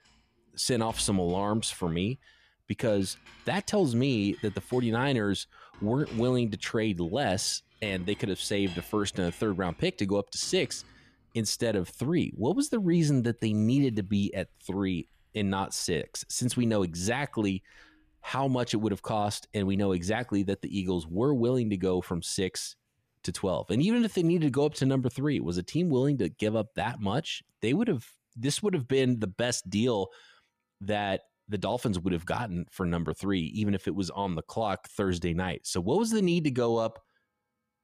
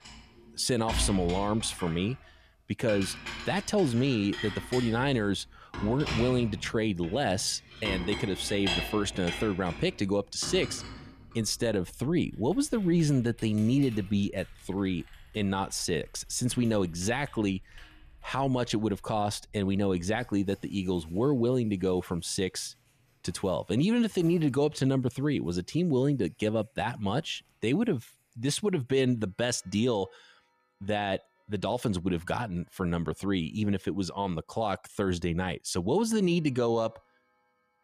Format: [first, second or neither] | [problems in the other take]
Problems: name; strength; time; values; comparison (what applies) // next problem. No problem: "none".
first | household noises; loud; throughout; 10 dB below the speech; faint in the first